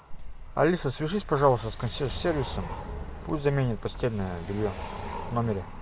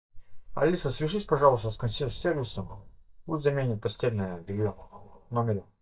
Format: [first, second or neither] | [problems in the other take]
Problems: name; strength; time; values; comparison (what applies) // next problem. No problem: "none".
first | noise reduction (neural mask model DeepFilterNet 3)